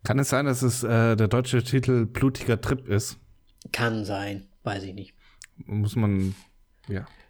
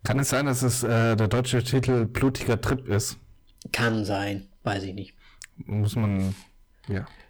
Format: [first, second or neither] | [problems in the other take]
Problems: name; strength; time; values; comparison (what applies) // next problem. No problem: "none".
first | distortion; heavy; 8% of the sound clipped